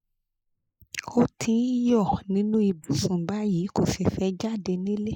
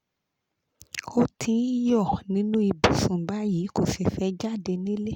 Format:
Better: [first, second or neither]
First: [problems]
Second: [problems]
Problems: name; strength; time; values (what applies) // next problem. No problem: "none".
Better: second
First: noise reduction (neural mask model Resemble Enhance denoiser)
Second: none